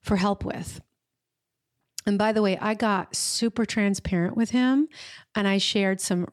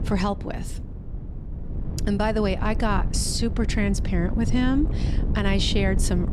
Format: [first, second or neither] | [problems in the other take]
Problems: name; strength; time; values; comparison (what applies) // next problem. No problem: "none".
first | wind noise on the microphone; occasional gusts; 15 dB below the speech